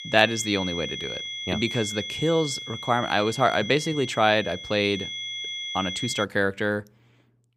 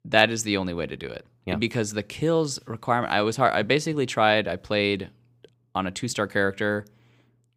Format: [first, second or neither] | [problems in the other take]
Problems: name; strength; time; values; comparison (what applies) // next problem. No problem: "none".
second | high-pitched whine; loud; until 6 s; 3.5 kHz, 7 dB below the speech